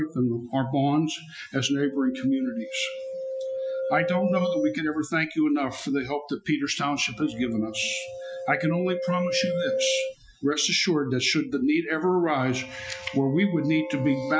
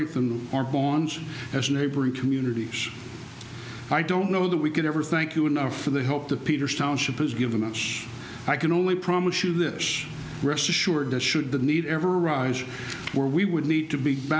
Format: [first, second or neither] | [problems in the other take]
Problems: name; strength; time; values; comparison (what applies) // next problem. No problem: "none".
second | noise reduction (classical method Wiener filter)